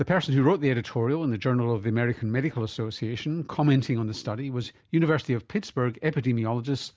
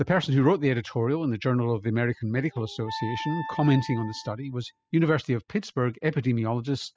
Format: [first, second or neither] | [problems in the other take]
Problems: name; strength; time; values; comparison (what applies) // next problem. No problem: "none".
first | noise reduction (classical method spectral subtraction)